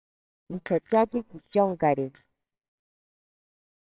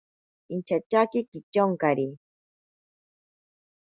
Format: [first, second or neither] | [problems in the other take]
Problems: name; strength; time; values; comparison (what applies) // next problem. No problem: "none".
second | noise reduction (neural separator model SepFormer WHAMR!)